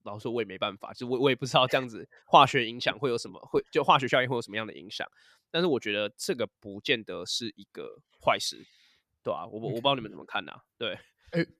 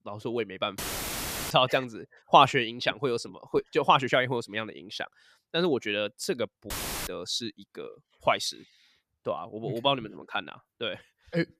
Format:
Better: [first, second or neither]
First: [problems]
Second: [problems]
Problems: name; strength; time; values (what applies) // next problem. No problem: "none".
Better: first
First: none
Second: audio cutting out; filled with static; at 1 s for 0.5 s and at 6.5 s